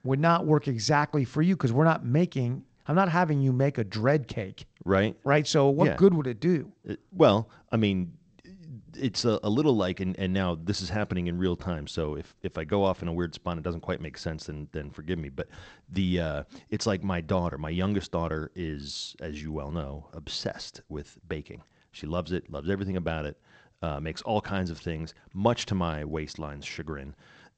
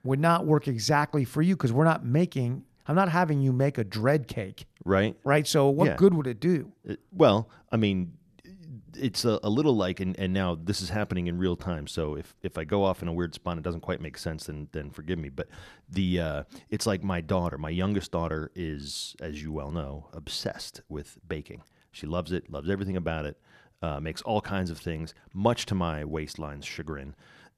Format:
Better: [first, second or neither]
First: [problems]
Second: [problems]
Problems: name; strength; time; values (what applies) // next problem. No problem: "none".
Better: second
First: garbled, watery; slightly; nothing above 8 kHz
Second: none